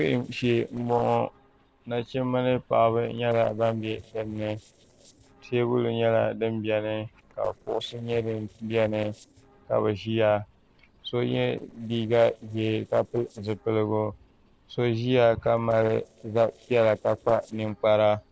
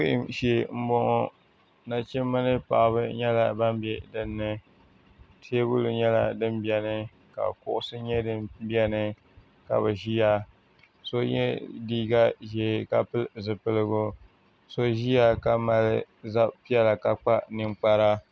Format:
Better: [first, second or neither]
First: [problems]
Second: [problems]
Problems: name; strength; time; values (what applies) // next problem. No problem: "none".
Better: second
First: noise reduction (neural separator model SepFormer DNS4)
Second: none